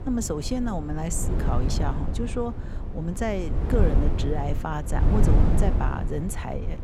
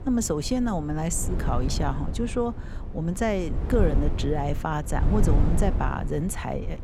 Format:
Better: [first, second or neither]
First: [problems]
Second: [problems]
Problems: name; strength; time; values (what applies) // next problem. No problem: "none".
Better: second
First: wind noise on the microphone; heavy; 5 dB below the speech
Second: wind noise on the microphone; occasional gusts; 10 dB below the speech